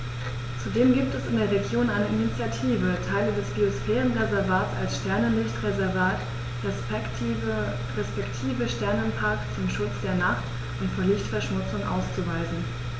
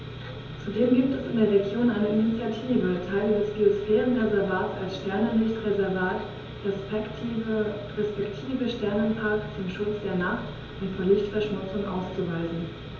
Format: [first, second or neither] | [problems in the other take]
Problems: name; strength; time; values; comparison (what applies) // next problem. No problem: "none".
first | room echo; dies away in 1.2 s